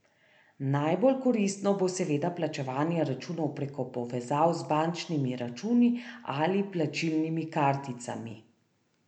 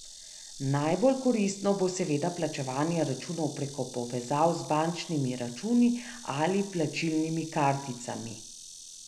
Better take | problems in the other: first | background sound (Insect); 17 dB below the speech

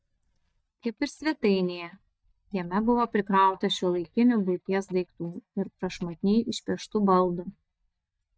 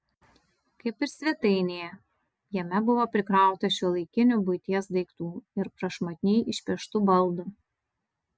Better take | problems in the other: second | noise reduction (neural mask model DeepFilterNet 3)

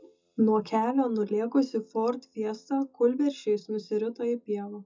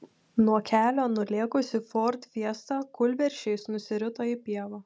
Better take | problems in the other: second | noise reduction (classical method WPE with log-MMSE)

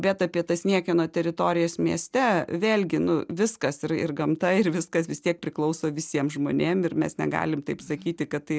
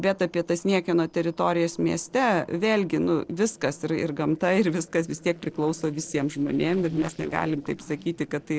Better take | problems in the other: first | noise reduction (neural separator model SepFormer DNS4)

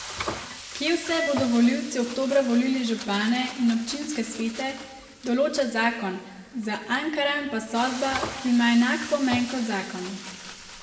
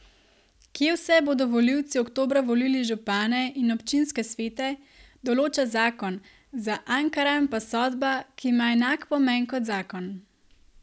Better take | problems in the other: second | background sound (Frying (food)); 13 dB below the speech // room echo; dies away in 1.3 s

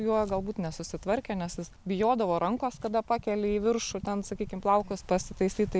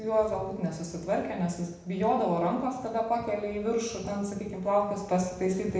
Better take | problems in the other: first | room echo; dies away in 0.8 s

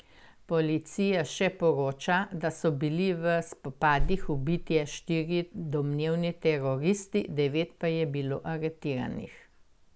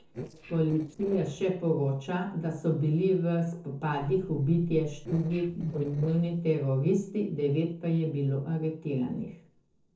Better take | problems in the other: first | noise reduction (neural separator model SepFormer DNS4)

